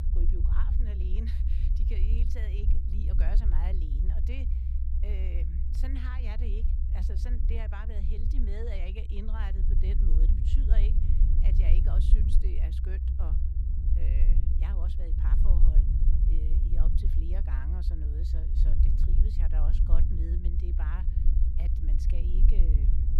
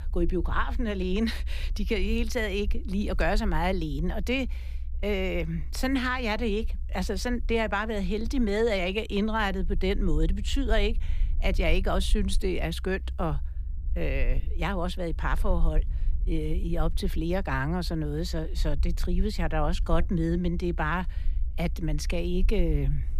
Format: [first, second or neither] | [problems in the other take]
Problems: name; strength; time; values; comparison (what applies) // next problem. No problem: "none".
second | low rumble; loud; throughout; 1 dB below the speech; faint in the second